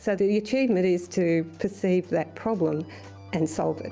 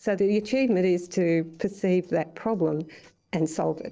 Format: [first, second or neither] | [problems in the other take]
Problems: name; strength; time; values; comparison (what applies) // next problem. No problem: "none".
first | noise reduction (neural separator model SepFormer DNS4)